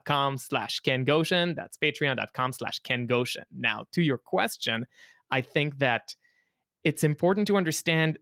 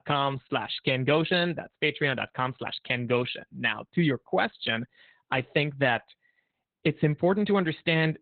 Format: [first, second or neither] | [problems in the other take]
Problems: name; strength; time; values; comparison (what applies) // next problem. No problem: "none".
first | garbled, watery; badly; nothing above 4 kHz; slightly in the first